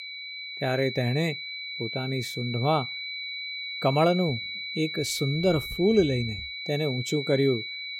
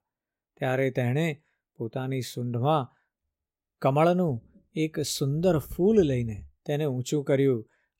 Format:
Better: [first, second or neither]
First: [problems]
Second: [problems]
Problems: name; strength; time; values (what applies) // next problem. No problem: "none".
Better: second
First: high-pitched whine; loud; throughout; 2.5 kHz, 6 dB below the speech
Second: none